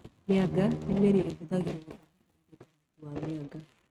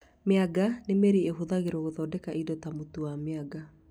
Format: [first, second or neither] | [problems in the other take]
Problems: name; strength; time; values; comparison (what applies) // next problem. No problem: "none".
second | noise reduction (neural mask model RNNoise)